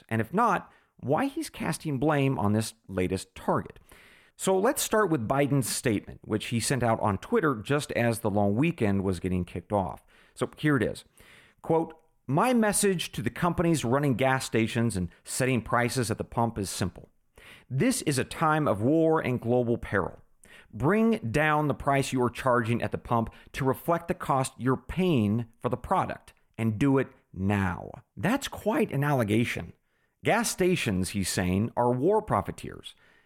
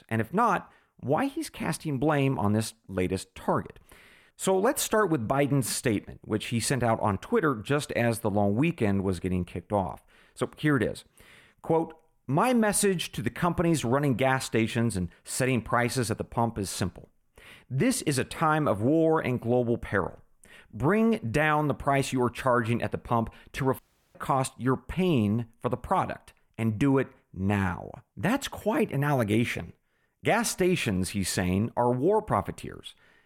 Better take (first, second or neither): first